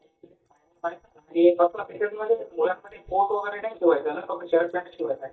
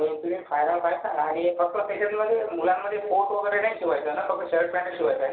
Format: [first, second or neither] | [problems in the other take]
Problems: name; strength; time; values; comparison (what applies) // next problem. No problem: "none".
second | noise reduction (neural mask model DeepFilterNet 3)